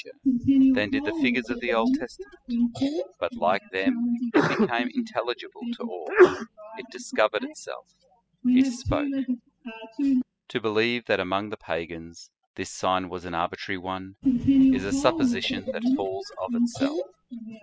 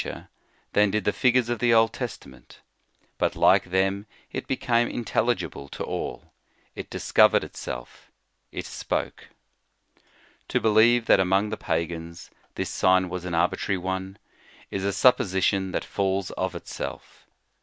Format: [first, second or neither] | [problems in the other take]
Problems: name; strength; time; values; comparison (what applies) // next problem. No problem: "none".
second | noise reduction (classical method spectral subtraction)